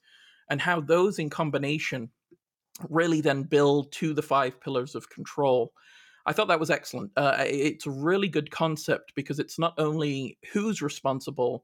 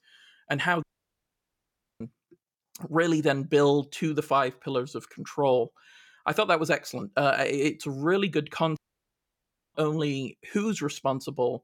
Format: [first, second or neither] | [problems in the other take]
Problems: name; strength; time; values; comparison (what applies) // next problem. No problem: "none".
first | audio cutting out; at 1 s for 1 s and at 9 s for 1 s